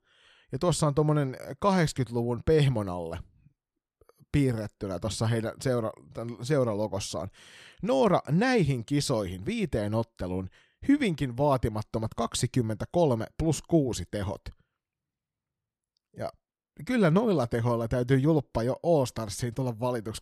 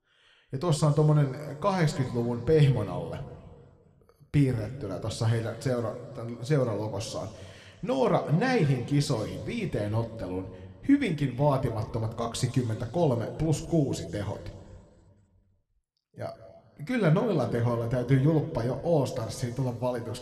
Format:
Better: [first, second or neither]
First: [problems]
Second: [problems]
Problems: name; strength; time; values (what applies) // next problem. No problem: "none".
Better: first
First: none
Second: room echo; very slight; dies away in 1.7 s